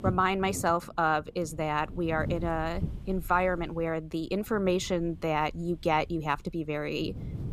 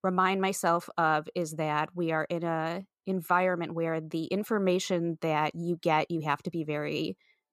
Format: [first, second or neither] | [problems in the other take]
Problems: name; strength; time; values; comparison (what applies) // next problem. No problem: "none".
second | wind noise on the microphone; occasional gusts; 20 dB below the speech